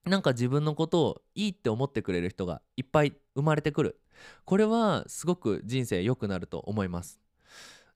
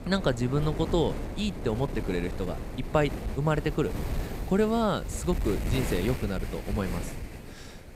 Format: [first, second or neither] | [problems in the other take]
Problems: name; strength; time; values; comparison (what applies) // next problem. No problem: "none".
first | wind noise on the microphone; heavy; 10 dB below the speech